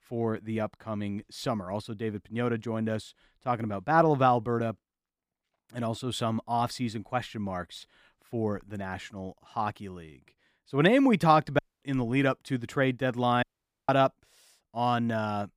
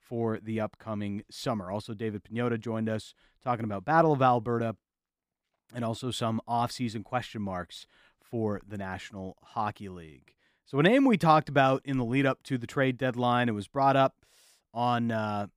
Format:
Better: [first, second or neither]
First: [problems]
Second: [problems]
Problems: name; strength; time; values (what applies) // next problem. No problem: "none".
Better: second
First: audio cutting out; at 12 s and at 13 s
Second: none